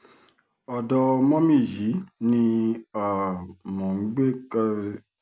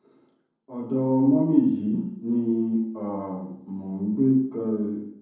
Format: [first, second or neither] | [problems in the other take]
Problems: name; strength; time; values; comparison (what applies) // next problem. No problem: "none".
first | room echo; dies away in 0.9 s